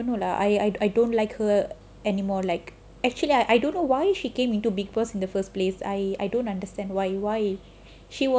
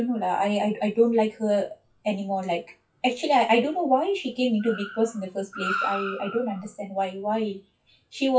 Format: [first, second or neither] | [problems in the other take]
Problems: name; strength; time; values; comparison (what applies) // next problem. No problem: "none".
first | noise reduction (classical method WPE with log-MMSE)